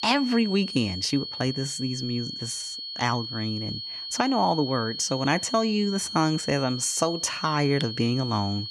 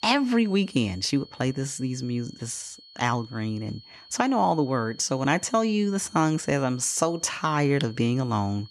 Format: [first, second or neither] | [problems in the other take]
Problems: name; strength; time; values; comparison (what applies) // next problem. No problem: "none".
second | high-pitched whine; loud; throughout; 4.5 kHz, 7 dB below the speech; faint in the second